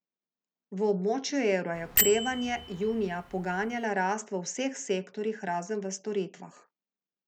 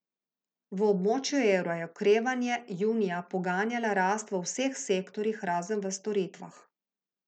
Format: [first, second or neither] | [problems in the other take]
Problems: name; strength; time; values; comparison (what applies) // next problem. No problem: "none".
second | background sound (Bell); 2 dB below the speech